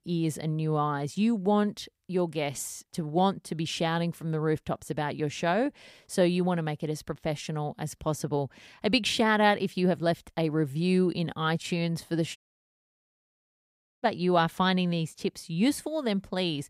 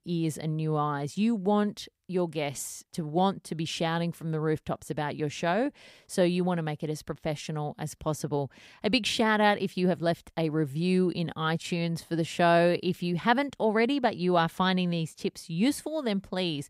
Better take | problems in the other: second | audio cutting out; at 12 s for 1.5 s

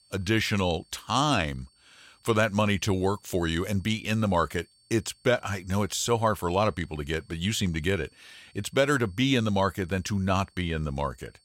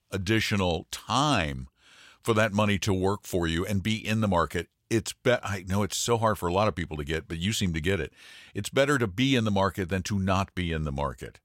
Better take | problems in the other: second | high-pitched whine; faint; throughout; 4.5 kHz, 35 dB below the speech

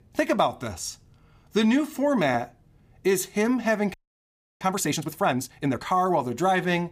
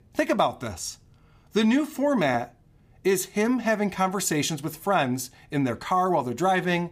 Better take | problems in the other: second | audio freezing; at 4 s for 0.5 s

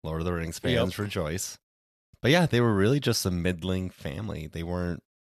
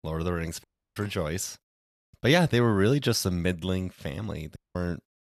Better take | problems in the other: first | audio cutting out; at 0.5 s and at 4.5 s

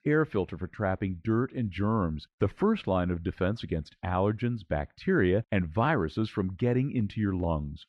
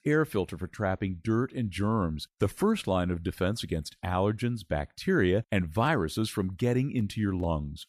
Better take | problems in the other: second | muffled; slightly; fading above 2.5 kHz

